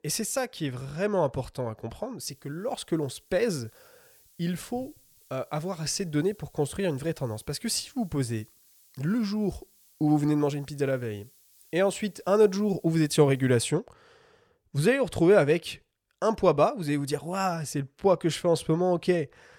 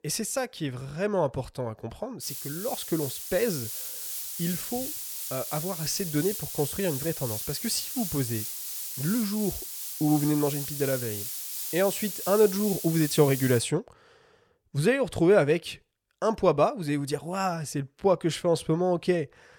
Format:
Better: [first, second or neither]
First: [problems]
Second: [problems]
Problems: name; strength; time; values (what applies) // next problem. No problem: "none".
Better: first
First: hiss; faint; from 2 to 14 s; 30 dB below the speech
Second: hiss; loud; from 2 to 14 s; 5 dB below the speech